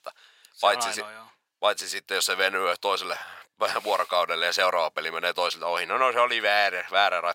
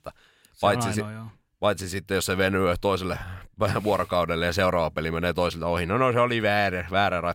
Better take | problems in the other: second | thin; very; fading below 750 Hz

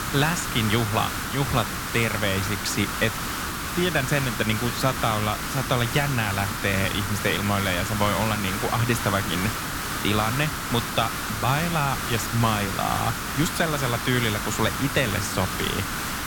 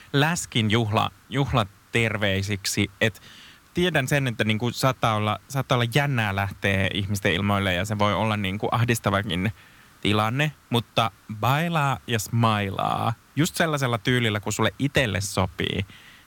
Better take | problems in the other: second | hiss; loud; throughout; 3 dB below the speech; faint in the second

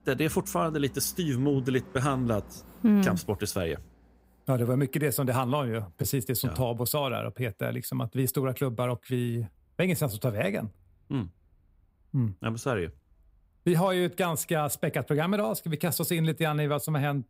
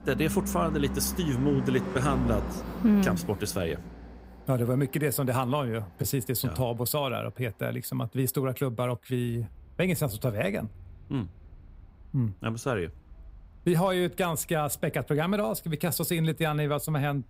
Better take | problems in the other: first | traffic noise; loud; throughout; 7 dB below the speech; faint in the first

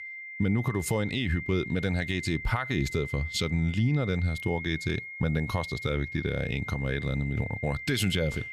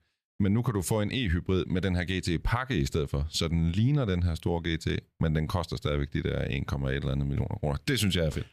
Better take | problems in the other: second | high-pitched whine; loud; throughout; 2 kHz, 8 dB below the speech

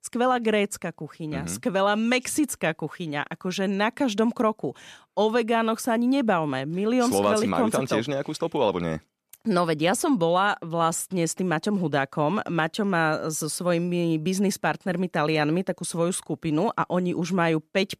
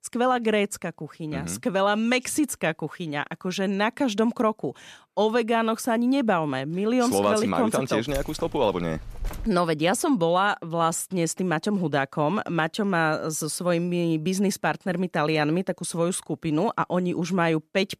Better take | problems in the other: first | jangling keys; faint; from 8 to 9.5 s; peak 10 dB below the speech

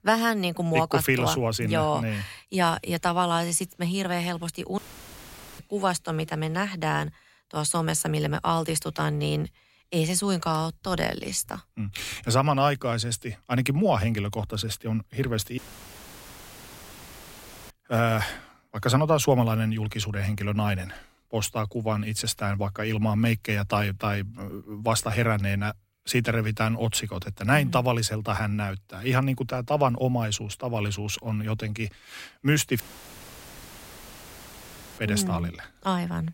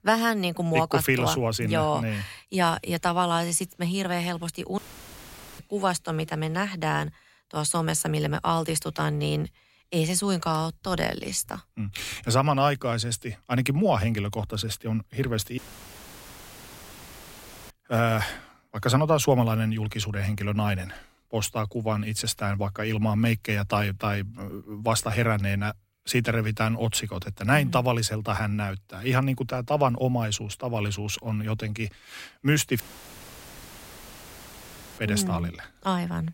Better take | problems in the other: neither | audio cutting out; filled with static; at 5 s for 1 s, at 16 s for 2 s and at 33 s for 2 s; the same in both

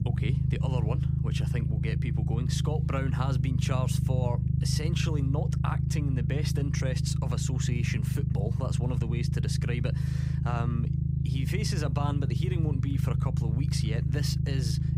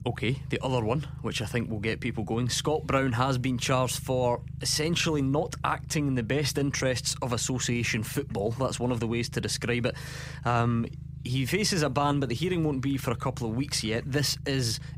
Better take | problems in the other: second | low rumble; loud; throughout; 2 dB below the speech; faint in the second

